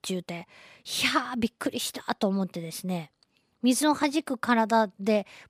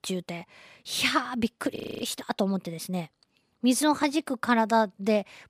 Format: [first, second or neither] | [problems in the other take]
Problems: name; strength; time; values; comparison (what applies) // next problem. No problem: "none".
first | audio freezing; at 2 s